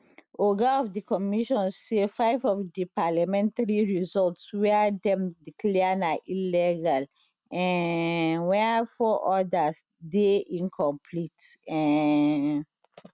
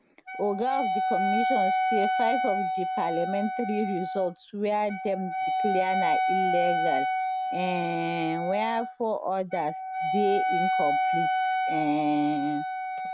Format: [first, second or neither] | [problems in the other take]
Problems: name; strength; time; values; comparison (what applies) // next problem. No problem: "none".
first | background sound (Wind instrument, woodwind instrument); 2 dB above the speech